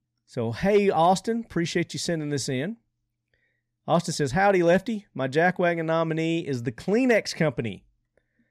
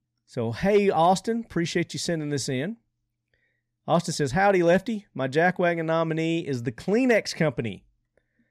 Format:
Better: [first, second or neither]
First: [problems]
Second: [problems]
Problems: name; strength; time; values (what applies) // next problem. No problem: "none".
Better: neither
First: none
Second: none